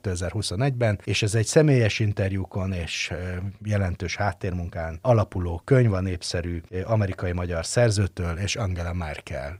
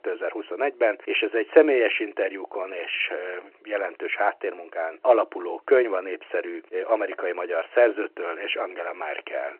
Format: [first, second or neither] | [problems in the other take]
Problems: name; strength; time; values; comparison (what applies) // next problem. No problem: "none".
first | phone-call audio; nothing above 2.5 kHz